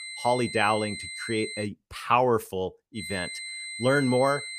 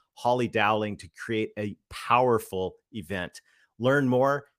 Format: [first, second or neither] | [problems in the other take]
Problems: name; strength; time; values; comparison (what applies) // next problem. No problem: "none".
second | high-pitched whine; loud; until 1.5 s and from 3 s on; 2 kHz, 9 dB below the speech